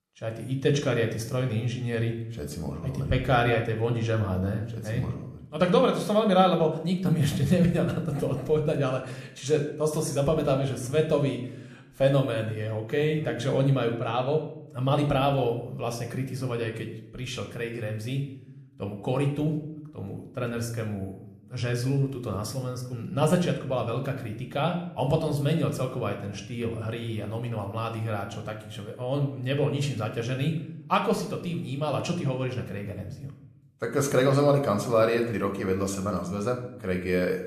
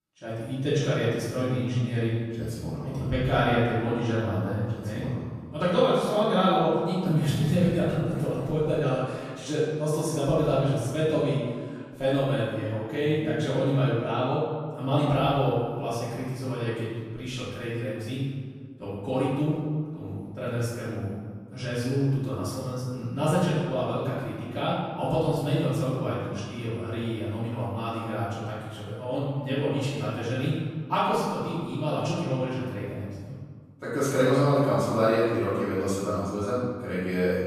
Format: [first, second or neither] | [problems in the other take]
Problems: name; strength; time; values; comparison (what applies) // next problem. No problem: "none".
first | room echo; strong; dies away in 1.5 s; slight in the first // off-mic speech; far